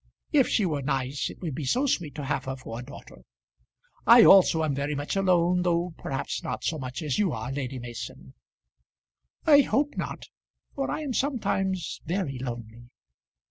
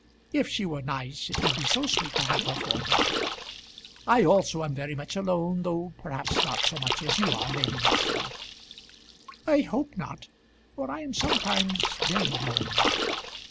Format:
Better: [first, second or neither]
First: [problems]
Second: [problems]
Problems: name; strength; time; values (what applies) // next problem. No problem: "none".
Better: first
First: none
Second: background sound (Splash, splatter); as loud as the speech